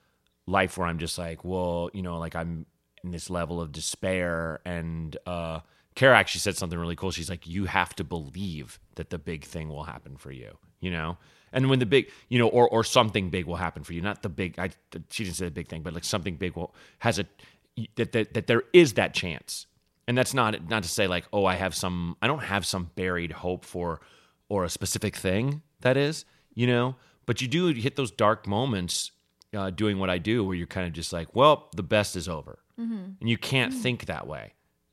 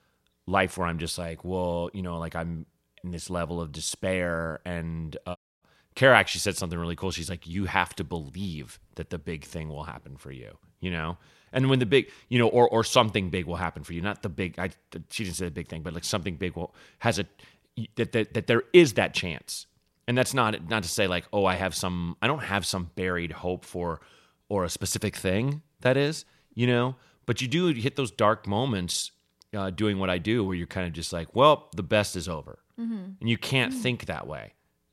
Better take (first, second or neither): first